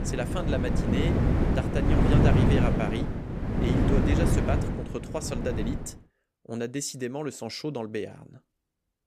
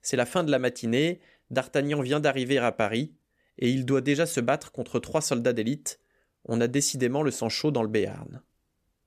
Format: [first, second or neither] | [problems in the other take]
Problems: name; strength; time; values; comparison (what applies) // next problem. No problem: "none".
second | wind noise on the microphone; heavy; until 6 s; 2 dB above the speech